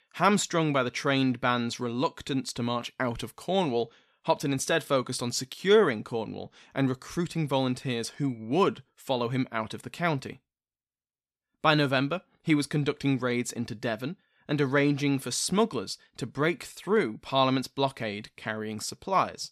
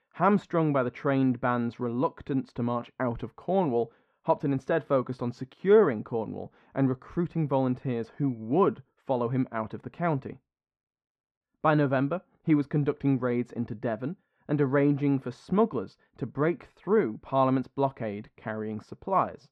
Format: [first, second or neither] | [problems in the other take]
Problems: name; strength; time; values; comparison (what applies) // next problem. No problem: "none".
first | muffled; very; fading above 3.5 kHz